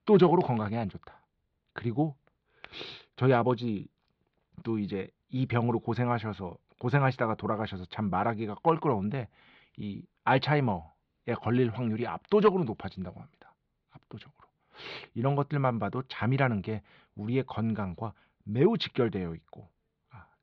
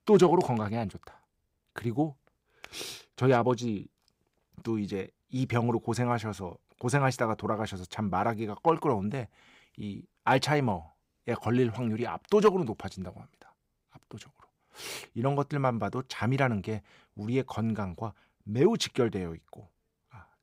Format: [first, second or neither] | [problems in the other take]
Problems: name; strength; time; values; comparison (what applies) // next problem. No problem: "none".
second | muffled; very slightly; fading above 4 kHz